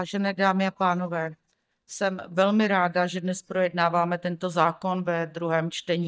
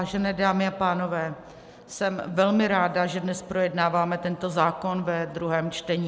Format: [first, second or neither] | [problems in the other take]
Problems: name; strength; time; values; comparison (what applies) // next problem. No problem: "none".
second | noise reduction (neural mask model DeepFilterNet 3)